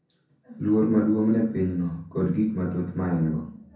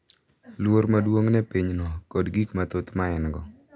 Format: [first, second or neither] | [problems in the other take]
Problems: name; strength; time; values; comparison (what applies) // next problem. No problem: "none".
second | room echo; dies away in 0.6 s